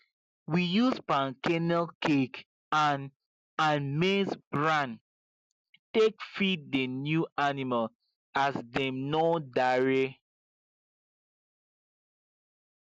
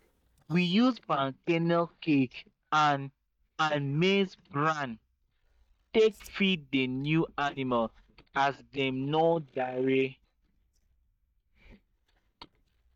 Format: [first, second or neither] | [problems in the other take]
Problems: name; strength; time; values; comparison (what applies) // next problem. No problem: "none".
first | noise reduction (neural mask model DeepFilterNet 3)